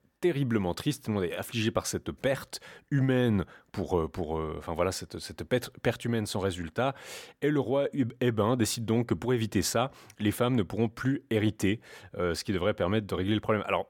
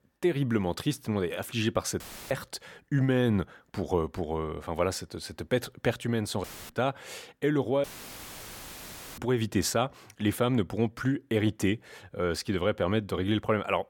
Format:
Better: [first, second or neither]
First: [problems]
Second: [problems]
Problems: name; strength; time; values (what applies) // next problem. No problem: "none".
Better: first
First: none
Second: audio cutting out; filled with static; at 2 s, at 6.5 s and at 8 s for 1.5 s